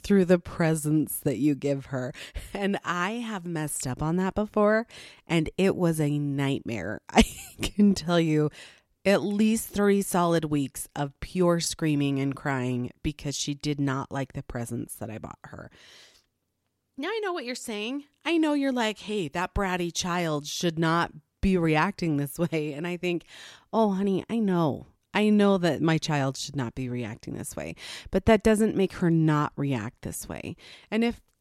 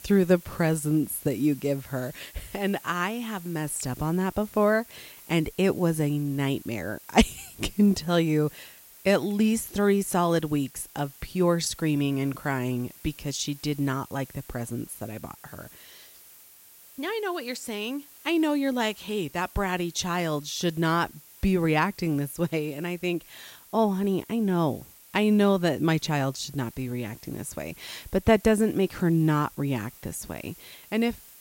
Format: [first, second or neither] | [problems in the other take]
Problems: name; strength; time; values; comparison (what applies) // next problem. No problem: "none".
first | hiss; faint; throughout; 20 dB below the speech